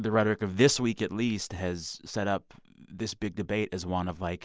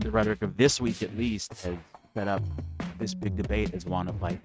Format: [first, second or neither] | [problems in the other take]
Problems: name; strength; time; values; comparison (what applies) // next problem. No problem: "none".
first | noise reduction (neural mask model RNNoise)